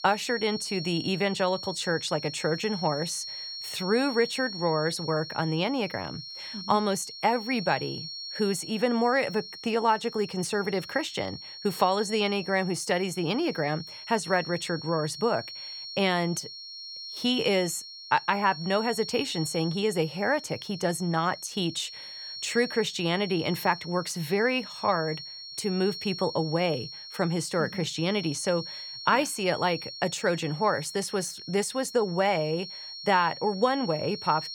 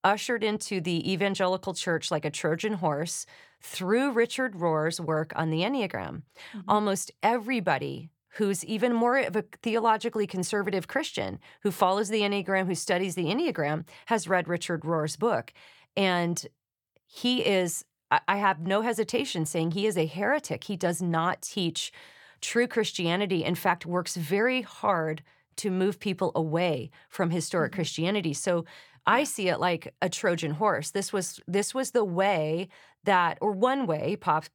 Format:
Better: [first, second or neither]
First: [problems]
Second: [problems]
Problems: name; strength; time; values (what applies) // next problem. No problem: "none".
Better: second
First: high-pitched whine; loud; throughout; 4.5 kHz, 10 dB below the speech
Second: none